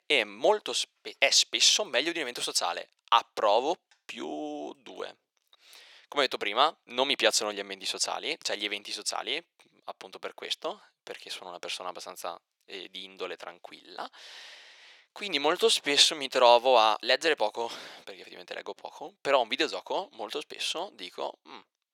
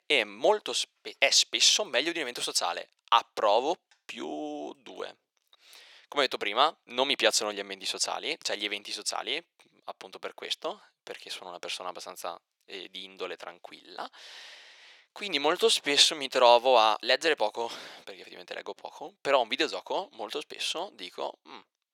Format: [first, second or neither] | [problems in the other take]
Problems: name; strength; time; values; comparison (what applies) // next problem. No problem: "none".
neither | thin; very; fading below 600 Hz; the same in both